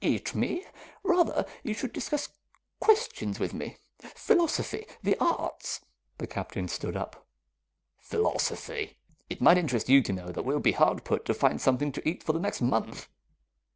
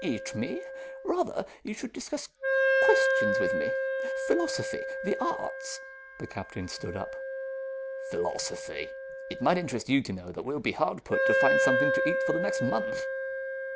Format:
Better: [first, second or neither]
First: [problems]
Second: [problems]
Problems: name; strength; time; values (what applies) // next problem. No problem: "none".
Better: first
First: none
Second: background sound (Wind instrument, woodwind instrument); 2 dB above the speech